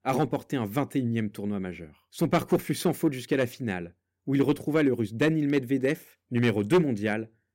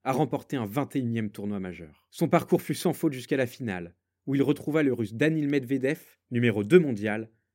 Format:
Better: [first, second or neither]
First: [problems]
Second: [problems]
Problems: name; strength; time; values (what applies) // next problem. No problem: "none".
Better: second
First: distortion; slight; 1.9% of the sound clipped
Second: none